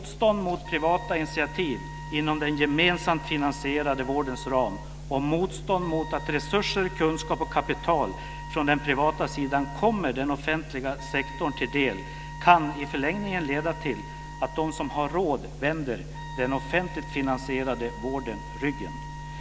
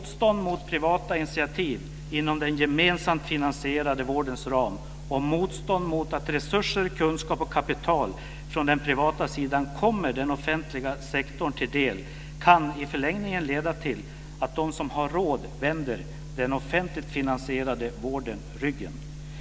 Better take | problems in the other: second | background sound (Wind instrument, woodwind instrument); 16 dB below the speech

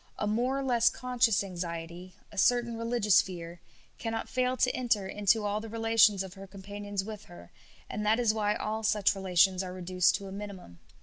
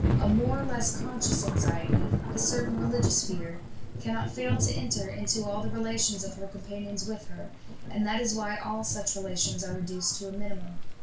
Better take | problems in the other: first | background sound (Thunder / Rain); 2 dB below the speech // room echo; dies away in 0.2 s

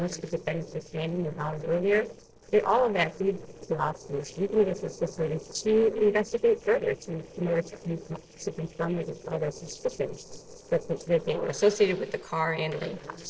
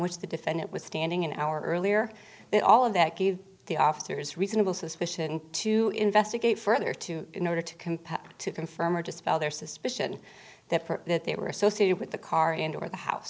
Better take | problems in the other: second | noise reduction (neural separator model SepFormer DNS4)

